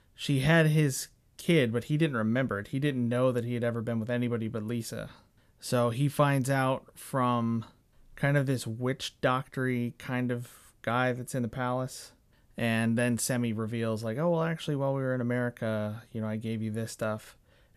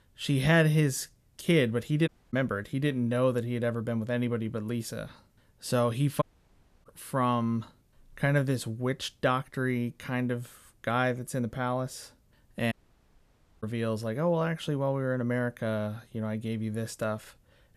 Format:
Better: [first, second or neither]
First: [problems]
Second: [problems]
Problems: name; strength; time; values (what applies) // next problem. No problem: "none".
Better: first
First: none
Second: audio cutting out; at 2 s, at 6 s for 0.5 s and at 13 s for 1 s